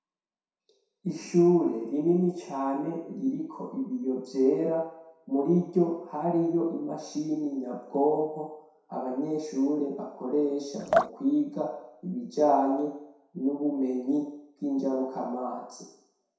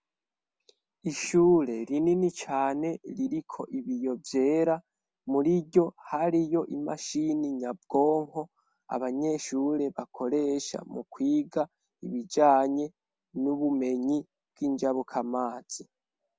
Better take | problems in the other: second | background sound (Drip); 4 dB below the speech // room echo; dies away in 0.7 s

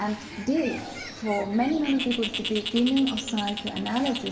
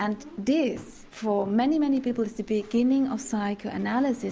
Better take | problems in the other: second | background sound (Bird); 9 dB below the speech // room echo; dies away in 2.7 s

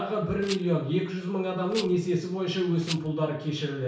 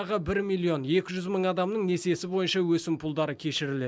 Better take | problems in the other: second | background sound (Rattle); 17 dB below the speech // room echo; dies away in 0.6 s

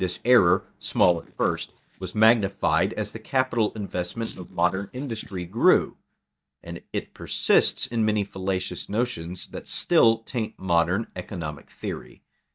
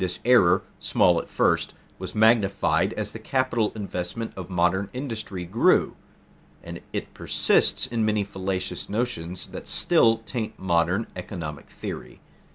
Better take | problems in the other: second | noise reduction (neural mask model DeepFilterNet 3)

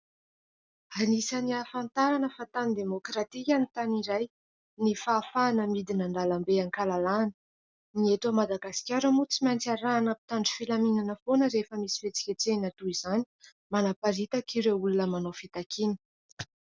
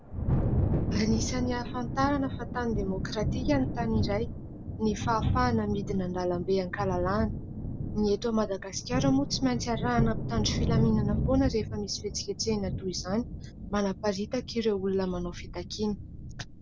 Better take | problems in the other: first | background sound (Thunder); 2 dB below the speech

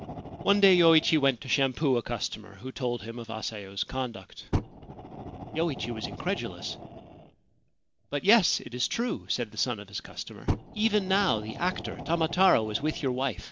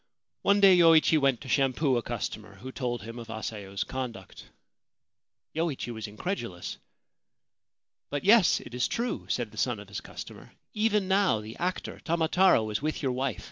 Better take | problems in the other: second | background sound (Fire); 11 dB below the speech

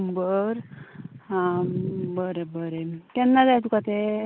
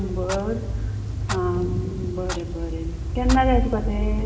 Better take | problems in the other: first | background sound (Clock); 1 dB above the speech // room echo; dies away in 1.1 s

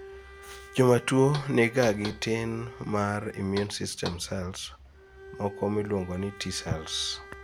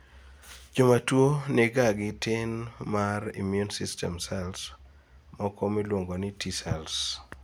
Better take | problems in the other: second | background sound (Knock + Bowed string instrument); 16 dB below the speech

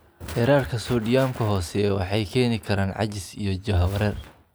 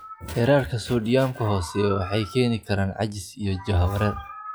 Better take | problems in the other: first | noise reduction (classical method log-MMSE)

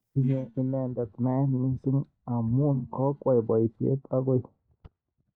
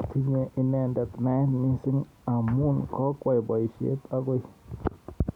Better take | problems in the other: second | noise reduction (neural mask model DeepFilterNet 3)

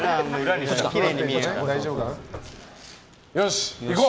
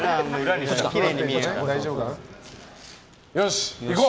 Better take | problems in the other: second | background sound (Knock / Wood); 17 dB below the speech

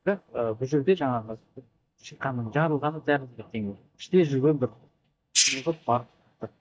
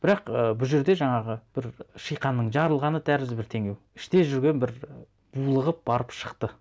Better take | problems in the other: second | noise reduction (neural mask model DeepFilterNet 3)

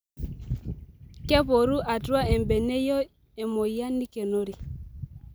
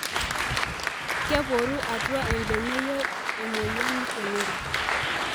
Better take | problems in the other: first | background sound (Applause); 2 dB above the speech

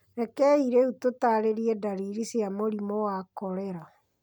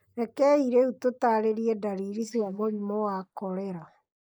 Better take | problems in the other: first | noise reduction (neural mask model Resemble Enhance denoiser)

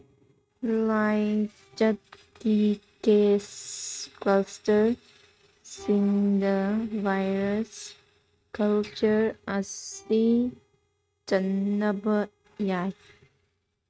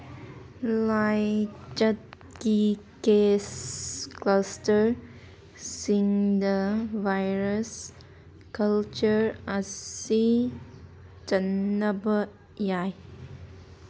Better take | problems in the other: second | noise reduction (neural mask model RNNoise)

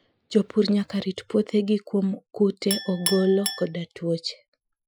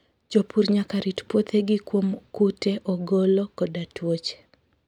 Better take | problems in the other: second | noise reduction (classical method Wiener filter)

